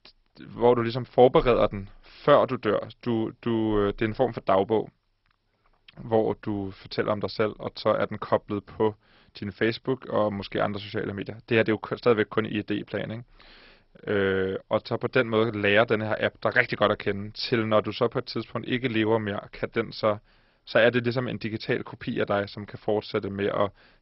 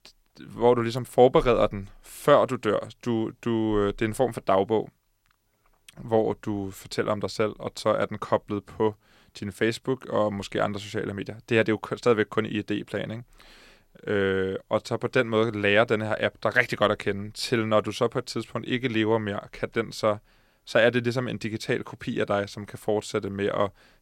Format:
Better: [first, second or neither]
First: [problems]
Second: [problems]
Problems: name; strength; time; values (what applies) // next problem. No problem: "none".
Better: second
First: garbled, watery; badly; nothing above 5.5 kHz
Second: none